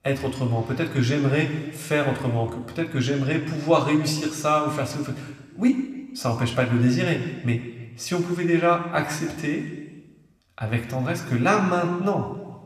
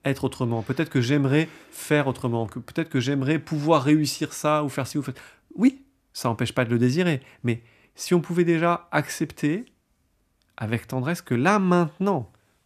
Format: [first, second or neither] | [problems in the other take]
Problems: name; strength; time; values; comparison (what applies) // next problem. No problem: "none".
second | room echo; slight; dies away in 1.2 s